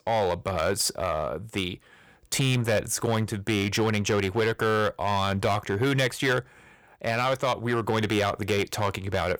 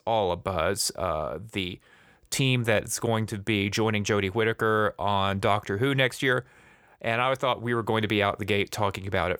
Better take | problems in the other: second | distortion; slight; 7% of the sound clipped

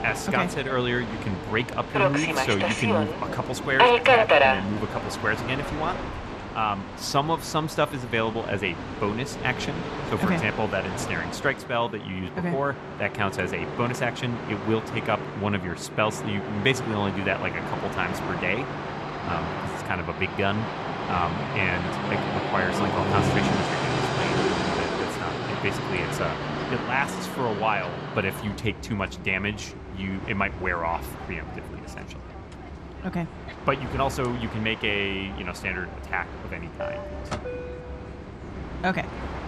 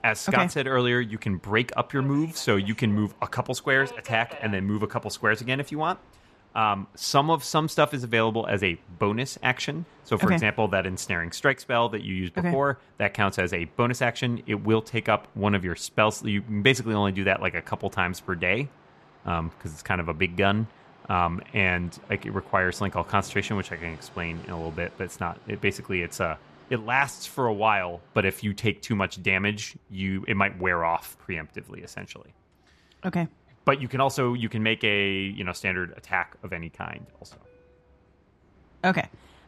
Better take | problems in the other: second | train or aircraft noise; loud; throughout; 1 dB below the speech; faint in the second

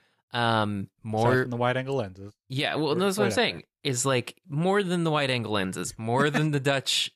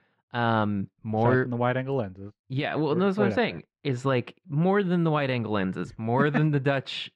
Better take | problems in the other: first | muffled; slightly; fading above 2.5 kHz

